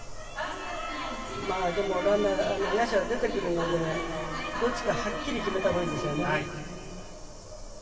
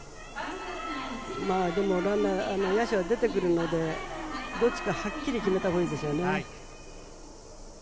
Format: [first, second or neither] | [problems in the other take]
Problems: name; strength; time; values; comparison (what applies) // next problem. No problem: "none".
second | room echo; dies away in 2.5 s